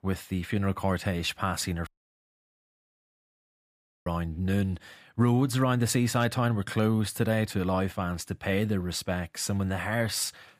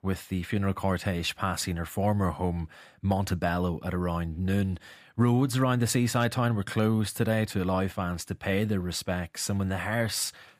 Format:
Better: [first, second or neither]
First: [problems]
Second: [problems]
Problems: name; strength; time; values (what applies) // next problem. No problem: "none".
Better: second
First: audio cutting out; at 2 s for 2 s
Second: none